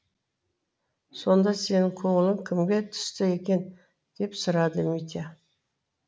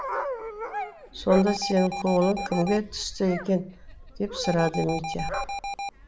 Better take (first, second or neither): first